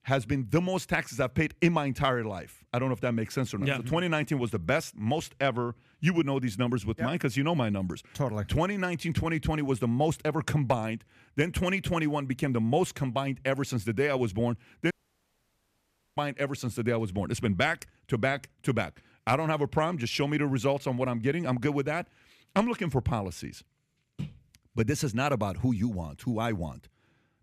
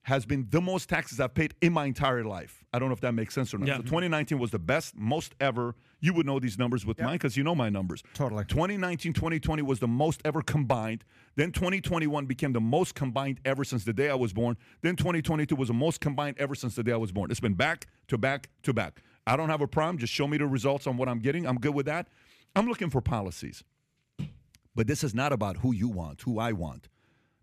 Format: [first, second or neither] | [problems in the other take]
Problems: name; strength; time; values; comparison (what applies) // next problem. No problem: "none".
second | audio cutting out; at 15 s for 1.5 s